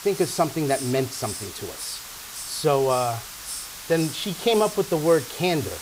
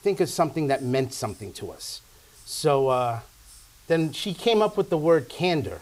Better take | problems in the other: second | hiss; loud; throughout; 10 dB below the speech; faint in the second

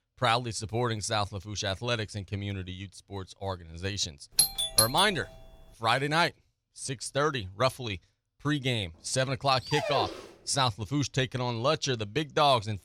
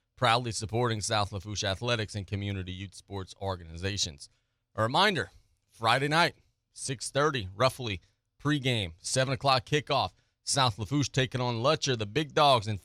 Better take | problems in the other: second | doorbell; loud; at 4.5 s; peak 5 dB above the speech // dog barking; noticeable; at 9.5 s; peak 2 dB below the speech

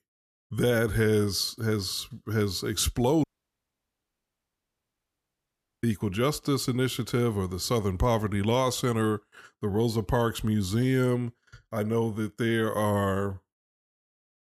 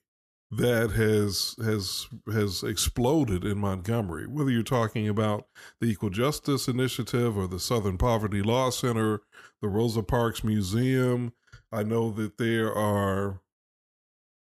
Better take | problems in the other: second | audio cutting out; at 3 s for 2.5 s

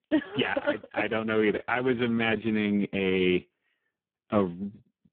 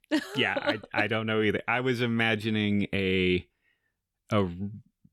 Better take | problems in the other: second | phone-call audio; poor line

